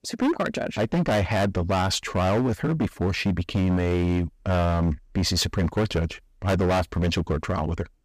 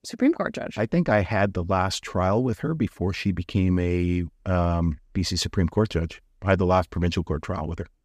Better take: second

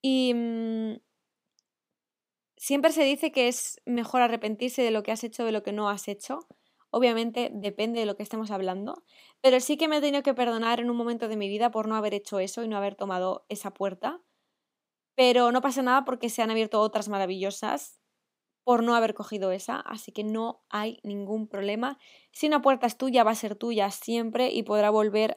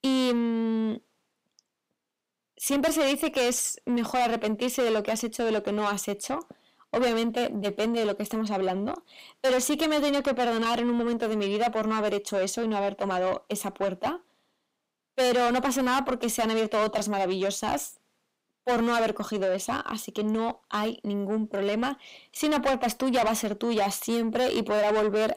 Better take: first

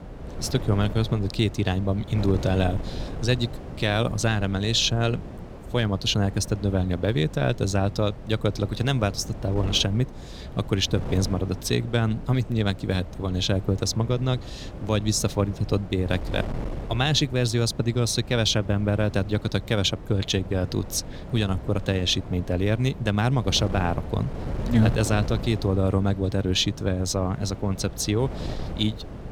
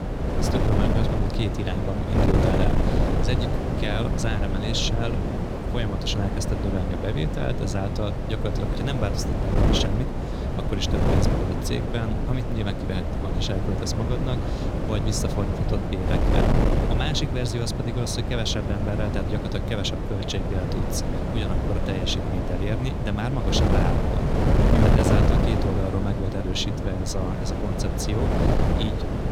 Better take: first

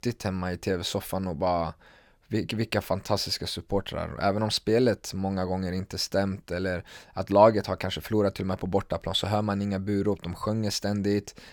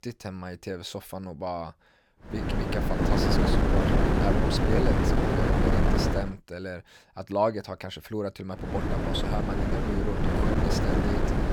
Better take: first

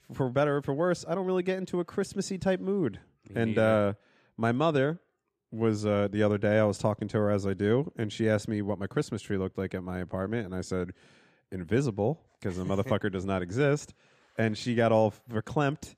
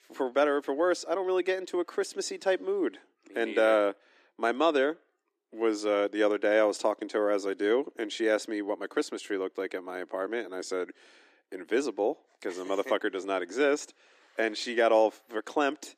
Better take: first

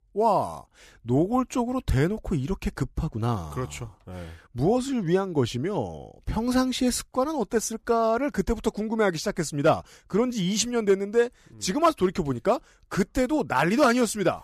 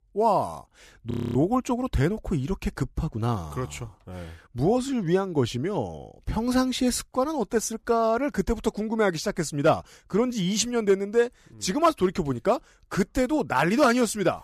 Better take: first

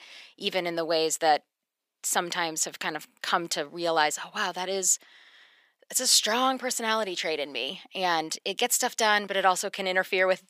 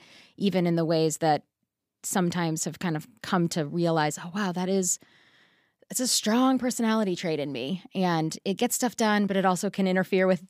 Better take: second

